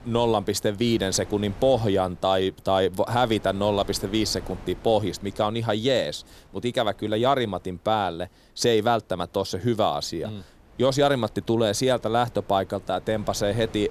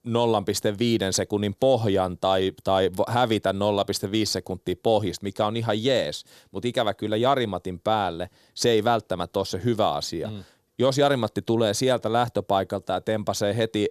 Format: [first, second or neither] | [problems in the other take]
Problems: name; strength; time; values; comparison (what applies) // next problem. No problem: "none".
second | wind noise on the microphone; occasional gusts; 25 dB below the speech